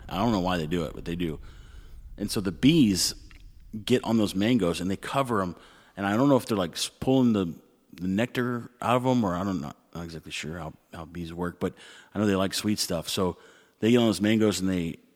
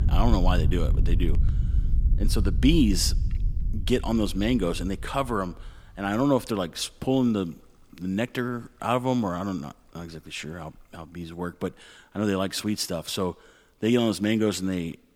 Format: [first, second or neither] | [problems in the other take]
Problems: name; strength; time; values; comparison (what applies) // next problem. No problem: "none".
first | rain or running water; loud; throughout; 1 dB below the speech; faint in the first